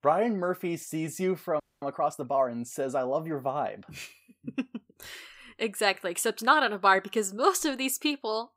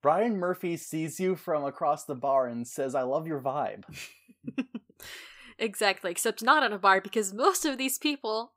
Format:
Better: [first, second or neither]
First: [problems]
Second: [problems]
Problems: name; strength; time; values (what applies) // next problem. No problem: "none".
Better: second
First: audio freezing; at 1.5 s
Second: none